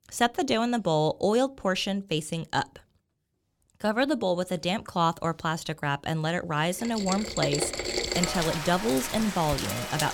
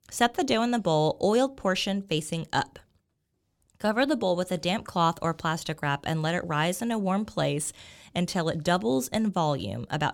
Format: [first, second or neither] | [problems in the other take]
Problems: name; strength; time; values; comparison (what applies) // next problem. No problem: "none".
second | rain or running water; loud; from 7 s on; 3 dB below the speech